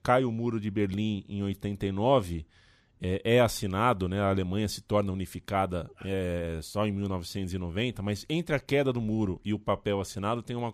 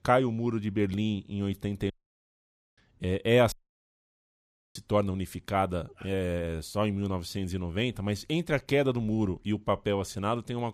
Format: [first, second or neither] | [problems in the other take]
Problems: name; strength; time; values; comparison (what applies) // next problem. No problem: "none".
first | audio cutting out; at 2 s for 1 s and at 3.5 s for 1 s